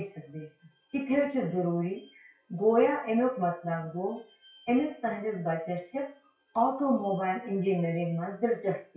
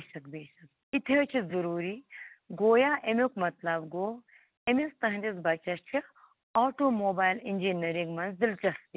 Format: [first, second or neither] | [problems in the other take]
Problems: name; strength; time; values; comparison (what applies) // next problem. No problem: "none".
second | noise reduction (classical method WPE with log-MMSE)